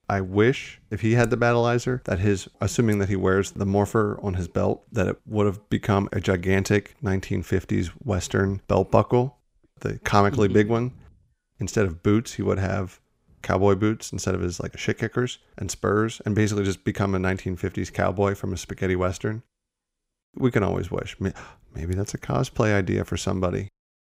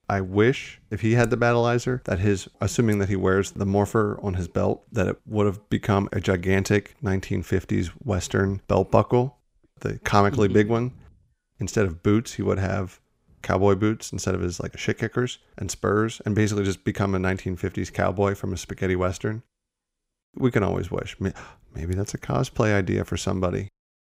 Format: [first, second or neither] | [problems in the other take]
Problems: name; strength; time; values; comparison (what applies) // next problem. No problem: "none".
neither | none